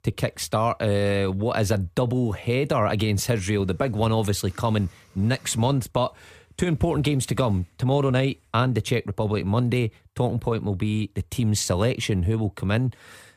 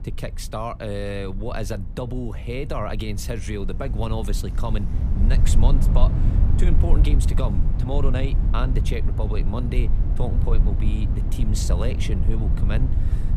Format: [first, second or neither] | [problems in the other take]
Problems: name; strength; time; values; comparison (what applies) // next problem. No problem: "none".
first | low rumble; loud; throughout; 6 dB below the speech